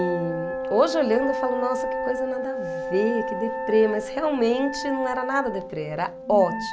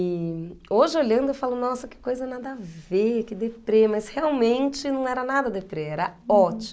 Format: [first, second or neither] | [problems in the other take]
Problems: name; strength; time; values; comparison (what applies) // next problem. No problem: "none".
second | background sound (Wind instrument, woodwind instrument + Wind instrument, woodwind instrument); 5 dB below the speech